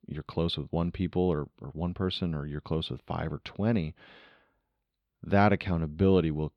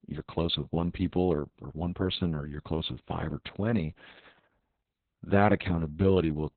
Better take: first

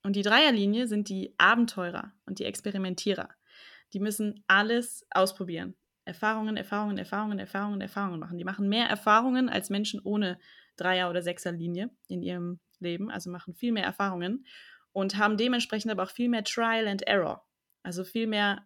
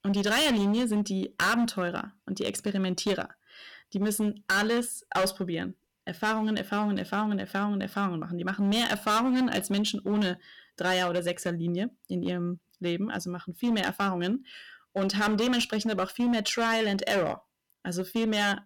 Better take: first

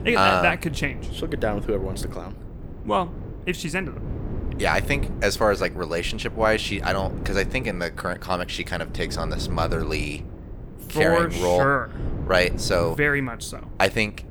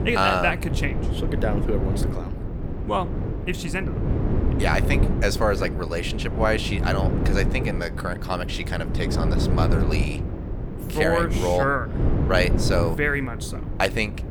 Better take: first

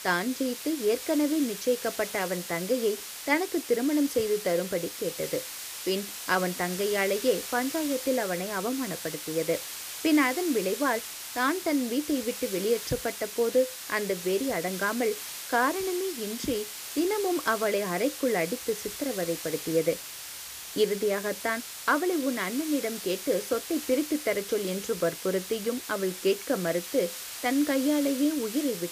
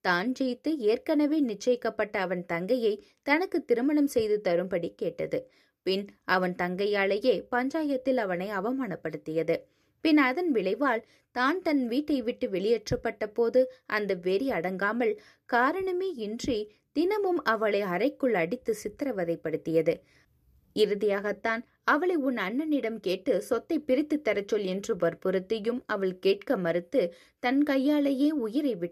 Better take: second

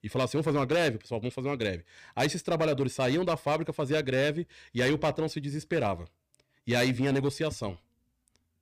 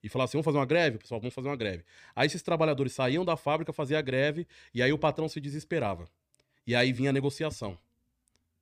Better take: second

